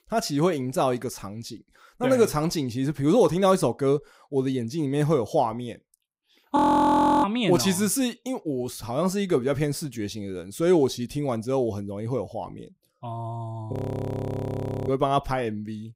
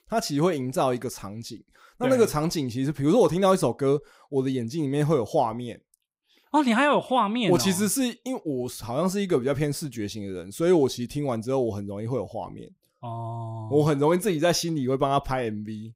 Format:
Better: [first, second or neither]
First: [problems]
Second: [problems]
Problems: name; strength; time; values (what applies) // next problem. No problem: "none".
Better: second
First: audio freezing; at 6.5 s for 0.5 s and at 14 s for 1 s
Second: none